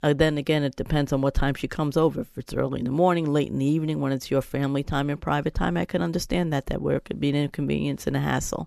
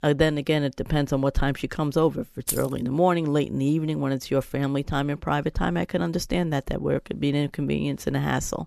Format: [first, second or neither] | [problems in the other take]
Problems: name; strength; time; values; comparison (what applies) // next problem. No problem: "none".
first | jangling keys; noticeable; at 2.5 s; peak 4 dB below the speech